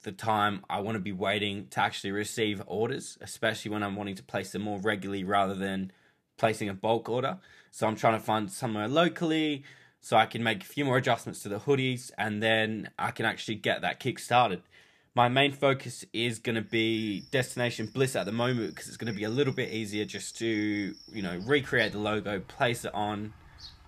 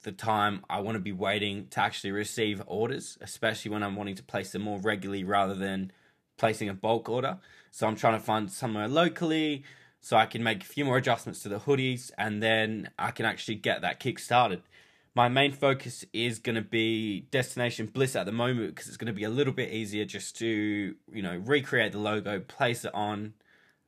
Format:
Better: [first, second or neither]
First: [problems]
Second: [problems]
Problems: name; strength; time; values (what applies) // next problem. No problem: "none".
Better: second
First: animal sounds; faint; from 17 s on; 20 dB below the speech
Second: none